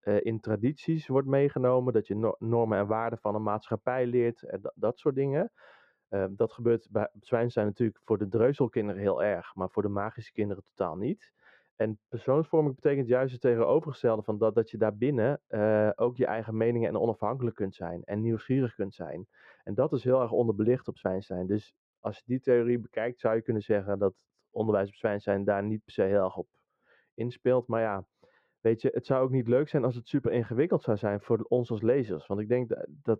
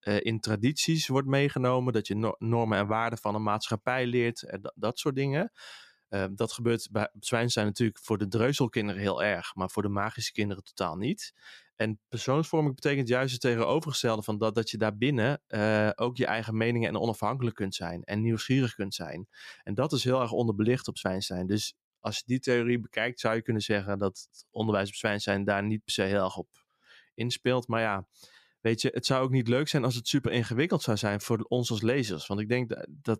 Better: second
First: muffled; very; fading above 4 kHz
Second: none

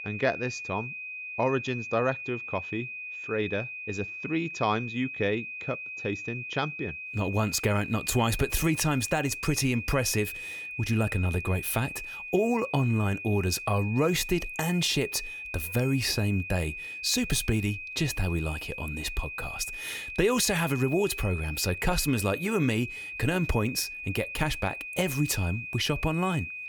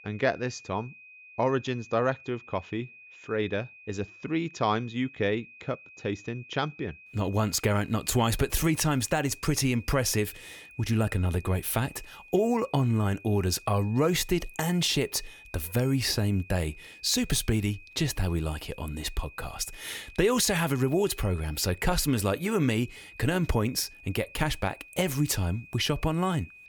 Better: second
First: high-pitched whine; loud; throughout; 2.5 kHz, 7 dB below the speech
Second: high-pitched whine; faint; throughout; 2.5 kHz, 20 dB below the speech

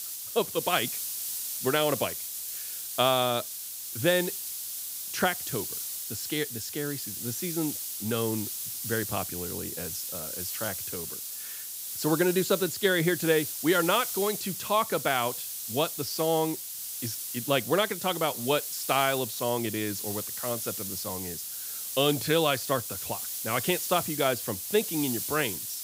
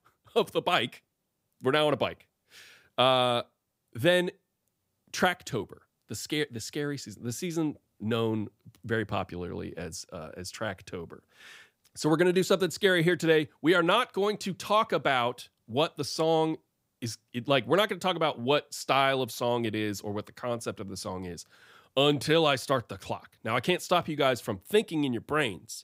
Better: second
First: hiss; loud; throughout; 4 dB below the speech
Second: none

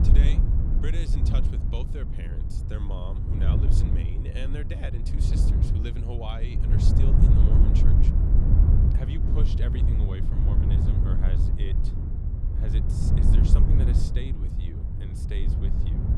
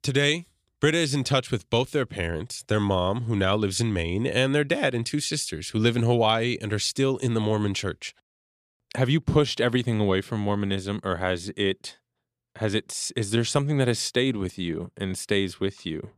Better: second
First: wind noise on the microphone; heavy; 3 dB above the speech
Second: none

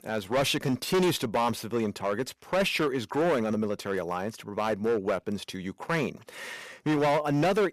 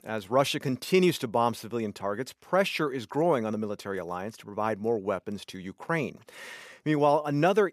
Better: second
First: distortion; heavy; 10% of the sound clipped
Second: none

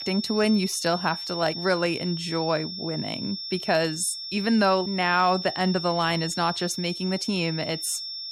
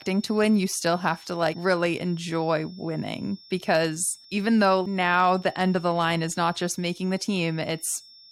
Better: second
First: high-pitched whine; loud; throughout; 5.5 kHz, 7 dB below the speech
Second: high-pitched whine; faint; throughout; 5.5 kHz, 25 dB below the speech

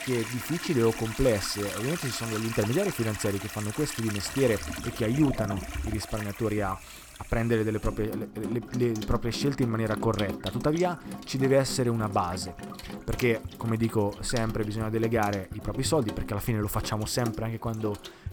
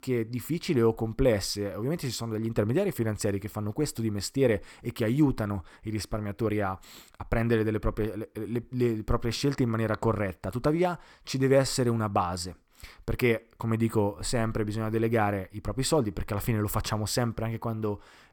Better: second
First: household noises; loud; throughout; 9 dB below the speech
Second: none

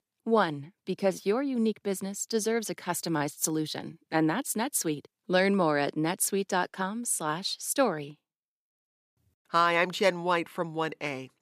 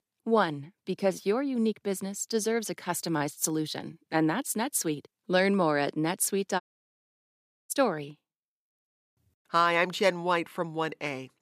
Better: first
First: none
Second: audio cutting out; at 6.5 s for 1 s

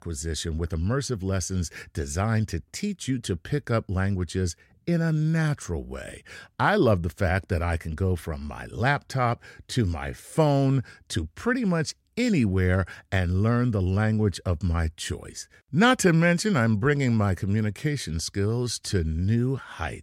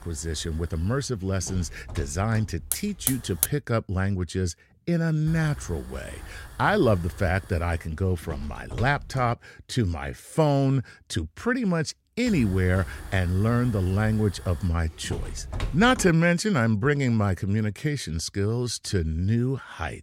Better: first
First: none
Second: hiss; noticeable; until 3.5 s, from 5.5 to 9.5 s and from 12 to 16 s; 10 dB below the speech

